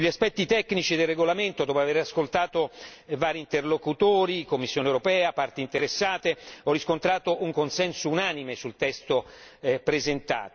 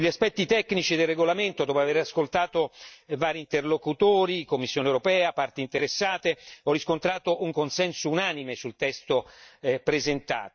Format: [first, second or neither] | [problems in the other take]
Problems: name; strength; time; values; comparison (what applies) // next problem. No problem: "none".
first | noise reduction (neural mask model DeepFilterNet 3)